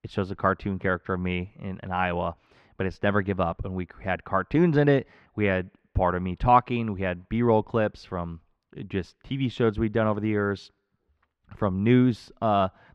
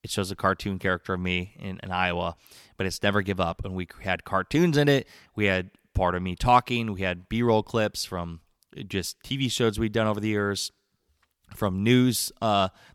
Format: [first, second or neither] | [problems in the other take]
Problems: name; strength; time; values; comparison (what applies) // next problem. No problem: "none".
second | muffled; very; fading above 2 kHz